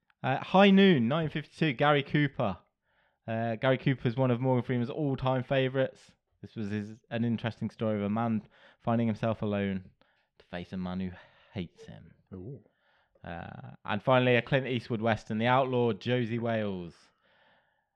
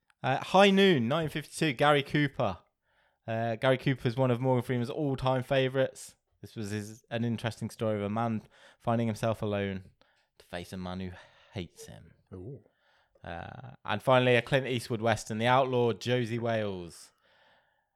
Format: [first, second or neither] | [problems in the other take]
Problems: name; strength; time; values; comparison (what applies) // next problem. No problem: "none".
second | muffled; slightly; fading above 3 kHz